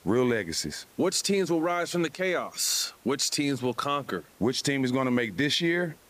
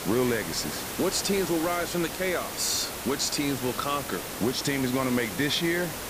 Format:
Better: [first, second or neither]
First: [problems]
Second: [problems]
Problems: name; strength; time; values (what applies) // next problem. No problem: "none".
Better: first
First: hiss; faint; throughout; 30 dB below the speech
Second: hiss; loud; throughout; 6 dB below the speech